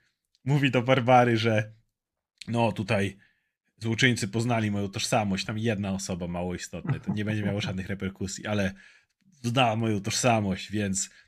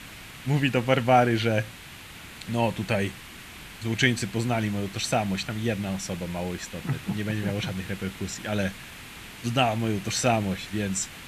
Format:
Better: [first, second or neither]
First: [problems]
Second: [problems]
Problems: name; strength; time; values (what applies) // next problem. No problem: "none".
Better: first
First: none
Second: hiss; noticeable; throughout; 15 dB below the speech